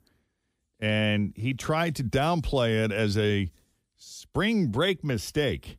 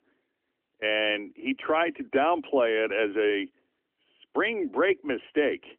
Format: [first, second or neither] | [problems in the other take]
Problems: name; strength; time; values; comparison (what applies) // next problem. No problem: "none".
first | phone-call audio; nothing above 3 kHz